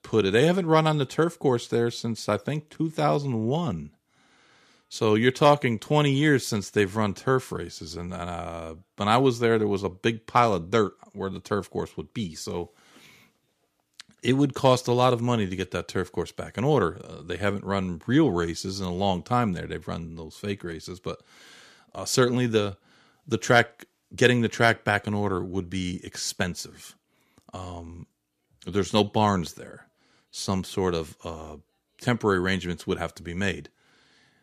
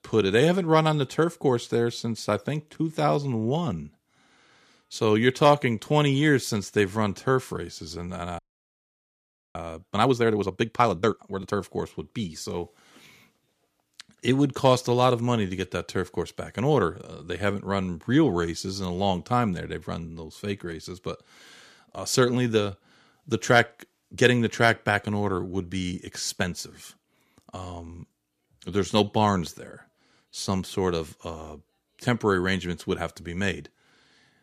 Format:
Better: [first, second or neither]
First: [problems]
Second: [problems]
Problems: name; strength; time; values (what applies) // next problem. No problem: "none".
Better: first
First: none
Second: audio freezing; at 8.5 s for 1 s